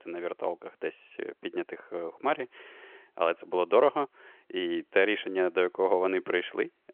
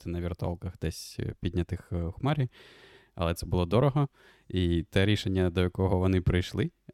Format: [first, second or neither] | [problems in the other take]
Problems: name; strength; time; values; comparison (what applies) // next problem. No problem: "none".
second | phone-call audio; nothing above 3.5 kHz